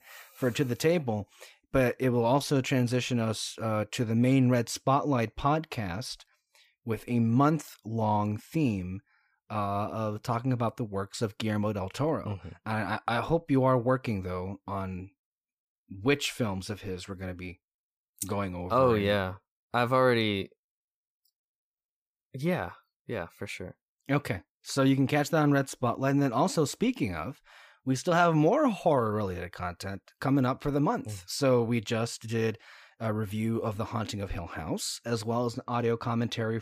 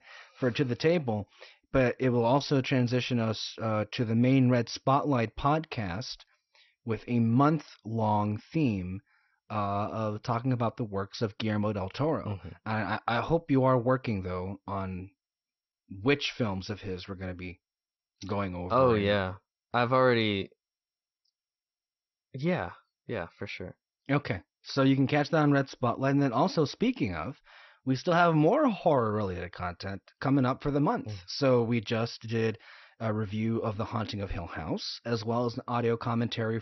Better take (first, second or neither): first